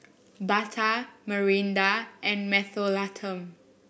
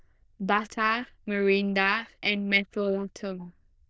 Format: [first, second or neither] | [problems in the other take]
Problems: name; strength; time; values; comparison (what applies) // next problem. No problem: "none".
first | noise reduction (neural diffusion model UNIVERSE++)